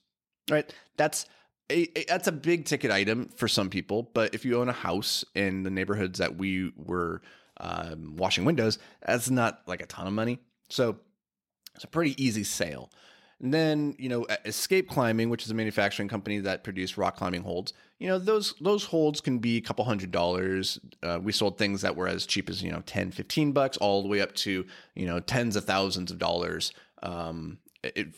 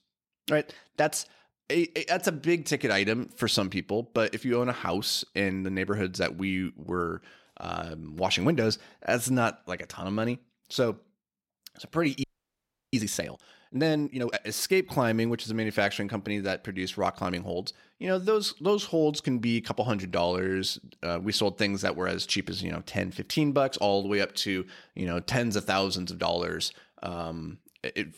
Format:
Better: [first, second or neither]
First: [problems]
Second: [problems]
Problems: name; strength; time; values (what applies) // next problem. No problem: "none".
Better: first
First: none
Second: audio freezing; at 12 s for 0.5 s